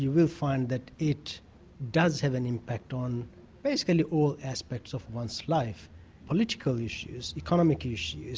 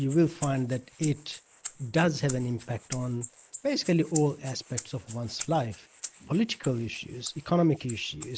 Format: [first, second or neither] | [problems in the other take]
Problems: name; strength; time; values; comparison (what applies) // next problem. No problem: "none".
first | noise reduction (neural mask model Resemble Enhance denoiser)